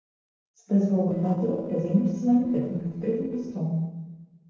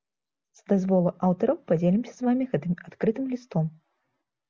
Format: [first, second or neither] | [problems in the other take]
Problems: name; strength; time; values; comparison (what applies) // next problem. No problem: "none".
second | noise reduction (neural separator model SepFormer DNS4)